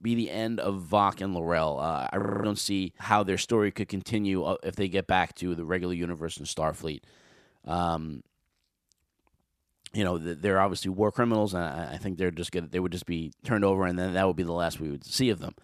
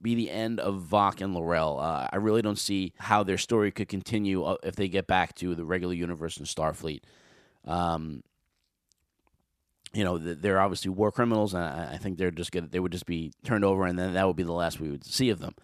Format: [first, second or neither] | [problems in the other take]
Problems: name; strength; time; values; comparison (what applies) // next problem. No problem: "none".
second | audio freezing; at 2 s